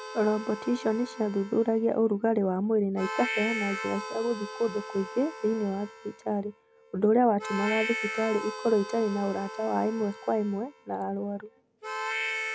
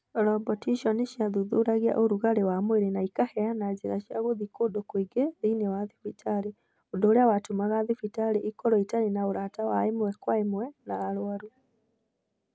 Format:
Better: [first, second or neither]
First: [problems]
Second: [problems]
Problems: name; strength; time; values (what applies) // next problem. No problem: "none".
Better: second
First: background sound (Harmonica); 9 dB below the speech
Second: none